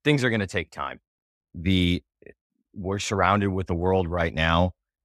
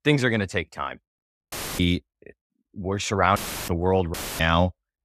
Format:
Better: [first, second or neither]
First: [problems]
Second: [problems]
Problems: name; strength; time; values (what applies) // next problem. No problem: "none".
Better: first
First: none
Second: audio cutting out; filled with static; at 1.5 s, at 3.5 s and at 4 s